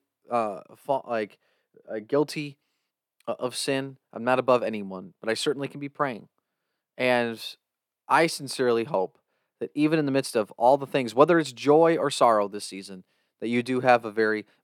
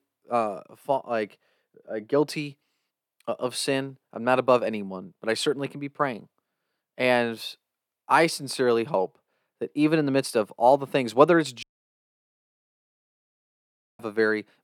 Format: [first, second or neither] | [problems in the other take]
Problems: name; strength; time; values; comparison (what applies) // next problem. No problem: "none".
first | audio cutting out; at 12 s for 2.5 s